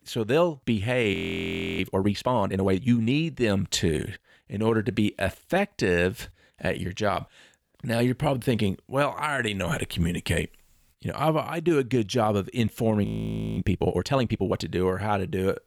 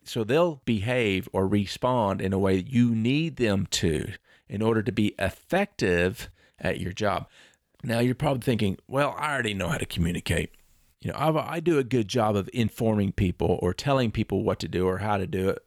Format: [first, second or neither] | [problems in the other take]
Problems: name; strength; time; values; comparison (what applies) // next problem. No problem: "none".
second | audio freezing; at 1 s for 0.5 s and at 13 s for 0.5 s